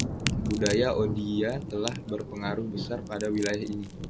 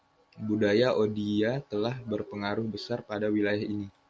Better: second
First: background sound (Thunder + Crack); 4 dB below the speech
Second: none

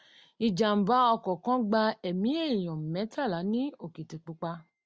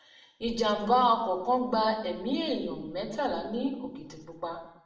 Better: first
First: none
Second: room echo; dies away in 0.7 s

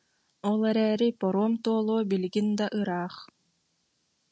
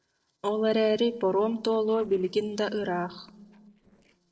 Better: first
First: none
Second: noise reduction (neural separator model SepFormer DNS4)

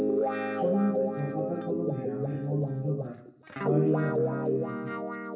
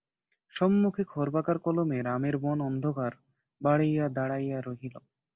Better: second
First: background sound (Guitar); 2 dB above the speech // room echo; dies away in 0.6 s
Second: none

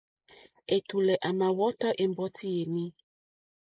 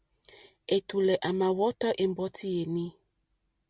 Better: second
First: noise reduction (neural mask model Resemble Enhance denoiser)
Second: none

